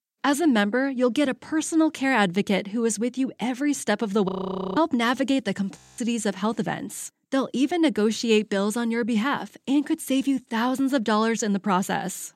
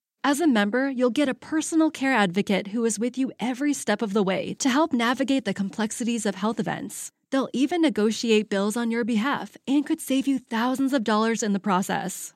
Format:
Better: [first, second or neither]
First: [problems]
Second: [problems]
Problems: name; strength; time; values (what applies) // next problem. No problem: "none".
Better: second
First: audio freezing; at 4.5 s and at 6 s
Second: none